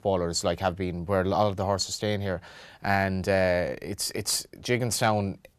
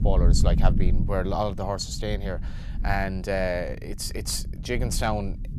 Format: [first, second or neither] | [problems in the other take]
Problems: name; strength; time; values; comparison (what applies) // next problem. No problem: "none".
first | low rumble; noticeable; throughout; 15 dB below the speech